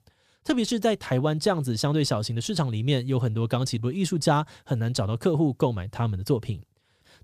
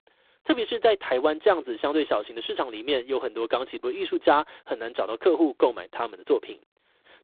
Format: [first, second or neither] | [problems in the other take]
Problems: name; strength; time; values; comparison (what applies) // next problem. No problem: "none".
first | phone-call audio; poor line